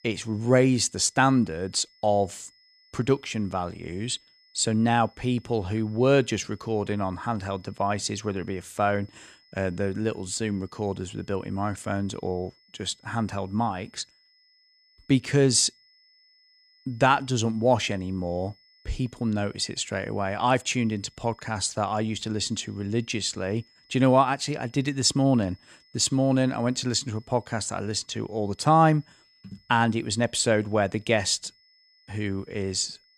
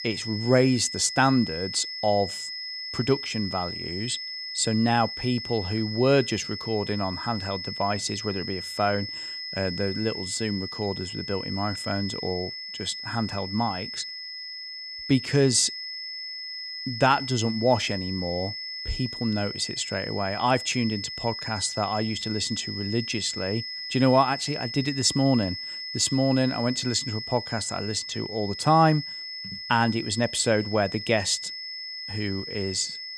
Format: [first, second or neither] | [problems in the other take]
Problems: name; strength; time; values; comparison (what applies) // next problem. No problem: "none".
first | high-pitched whine; loud; throughout; 5 kHz, 7 dB below the speech; faint in the first